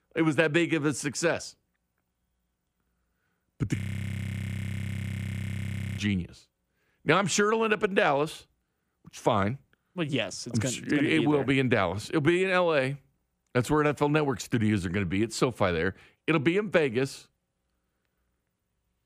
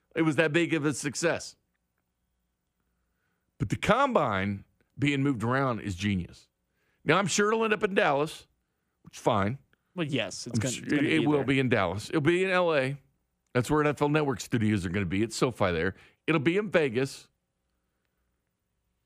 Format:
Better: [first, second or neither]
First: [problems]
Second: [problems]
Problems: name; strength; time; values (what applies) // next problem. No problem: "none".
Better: second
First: audio freezing; at 4 s for 2 s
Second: none